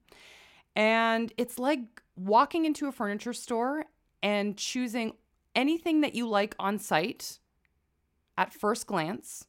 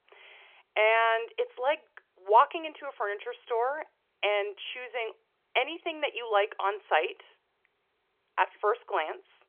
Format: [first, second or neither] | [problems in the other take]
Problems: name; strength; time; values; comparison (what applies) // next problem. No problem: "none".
first | phone-call audio; nothing above 3.5 kHz